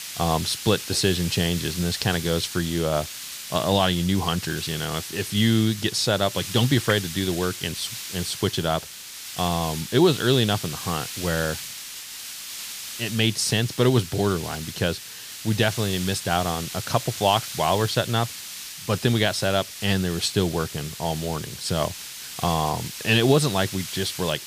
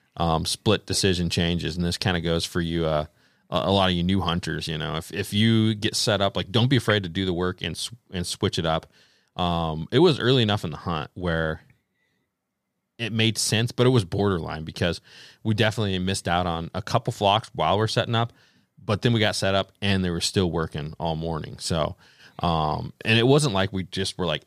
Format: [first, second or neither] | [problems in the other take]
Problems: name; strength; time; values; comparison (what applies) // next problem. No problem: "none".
second | hiss; loud; throughout; 9 dB below the speech